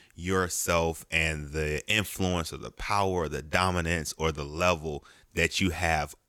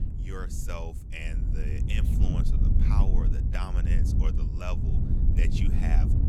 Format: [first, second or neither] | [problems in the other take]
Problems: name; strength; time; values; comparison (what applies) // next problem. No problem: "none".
first | wind noise on the microphone; heavy; 2 dB below the speech